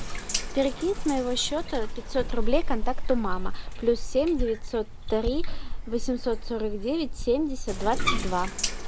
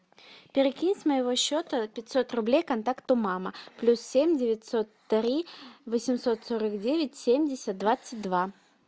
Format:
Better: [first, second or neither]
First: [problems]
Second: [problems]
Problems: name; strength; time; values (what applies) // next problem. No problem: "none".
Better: second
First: background sound (Bathtub (filling or washing)); 1 dB above the speech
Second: none